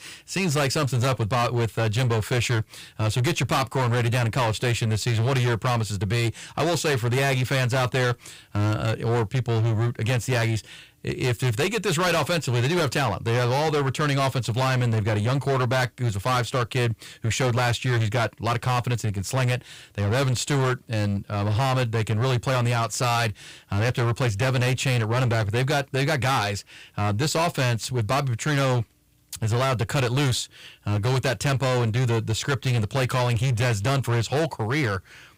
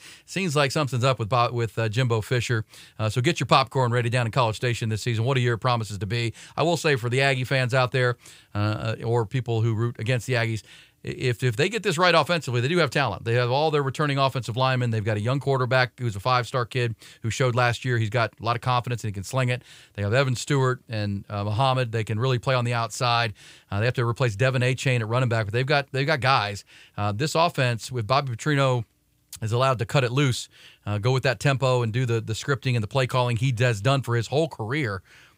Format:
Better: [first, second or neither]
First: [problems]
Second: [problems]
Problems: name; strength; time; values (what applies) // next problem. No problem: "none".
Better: second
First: distortion; heavy; 25% of the sound clipped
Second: none